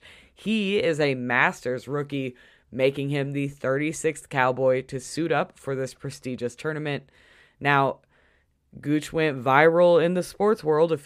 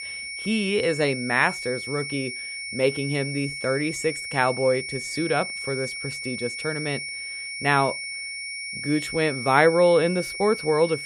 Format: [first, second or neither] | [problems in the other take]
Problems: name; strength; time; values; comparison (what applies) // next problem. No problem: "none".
first | high-pitched whine; loud; throughout; 2 kHz, 7 dB below the speech